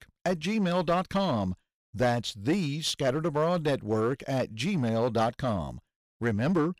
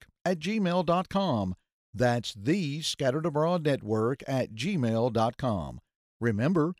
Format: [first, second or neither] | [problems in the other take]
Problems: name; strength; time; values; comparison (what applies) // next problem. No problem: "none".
second | distortion; slight; 6% of the sound clipped